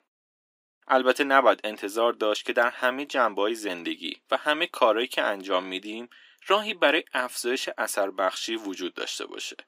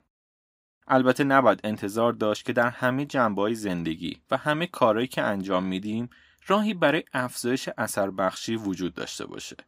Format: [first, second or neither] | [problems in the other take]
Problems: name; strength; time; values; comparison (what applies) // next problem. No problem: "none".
second | thin; somewhat; fading below 350 Hz